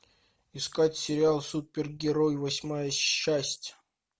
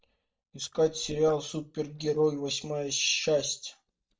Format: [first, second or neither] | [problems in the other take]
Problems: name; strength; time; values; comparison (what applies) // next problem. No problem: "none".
first | noise reduction (neural mask model DeepFilterNet 3)